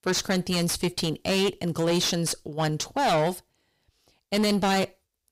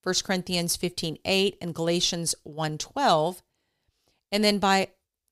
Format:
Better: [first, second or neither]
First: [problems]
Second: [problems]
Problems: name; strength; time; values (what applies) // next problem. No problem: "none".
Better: second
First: distortion; heavy; 6 dB below the speech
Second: none